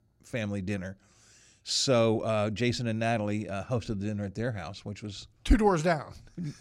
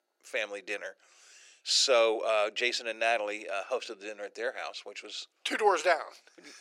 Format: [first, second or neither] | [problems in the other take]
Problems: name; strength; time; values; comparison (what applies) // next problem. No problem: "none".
first | thin; very; fading below 400 Hz